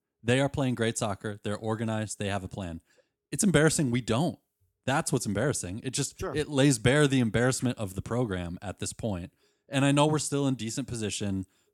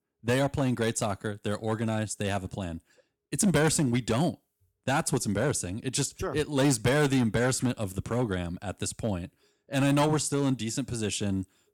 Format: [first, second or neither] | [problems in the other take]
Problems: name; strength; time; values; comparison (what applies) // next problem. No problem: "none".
first | distortion; slight; 4% of the sound clipped